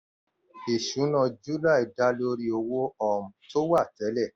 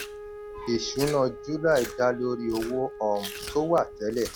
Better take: first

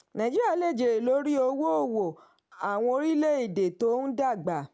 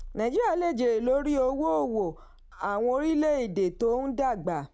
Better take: first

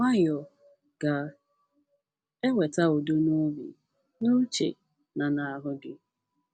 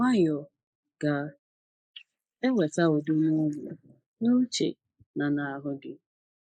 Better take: first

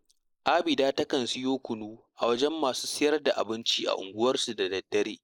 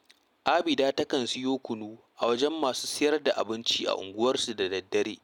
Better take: second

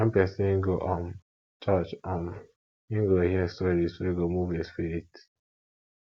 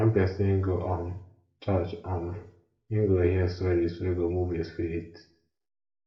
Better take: first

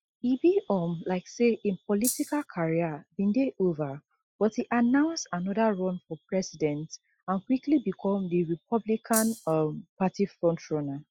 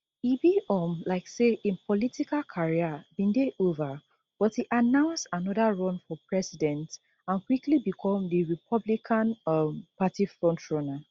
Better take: second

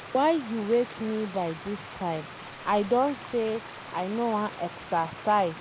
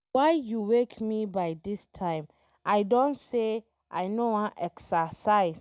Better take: second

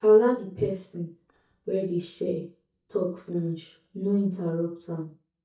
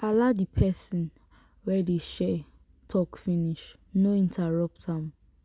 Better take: second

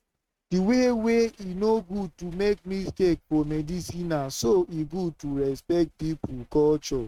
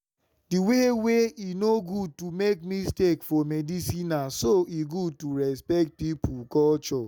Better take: second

